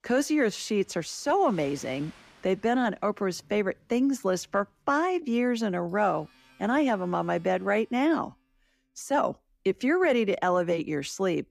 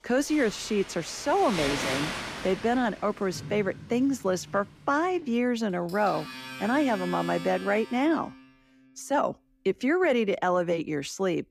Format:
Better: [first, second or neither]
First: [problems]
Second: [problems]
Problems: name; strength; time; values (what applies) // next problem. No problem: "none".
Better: first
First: household noises; faint; until 7.5 s; 30 dB below the speech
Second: household noises; loud; until 7.5 s; 10 dB below the speech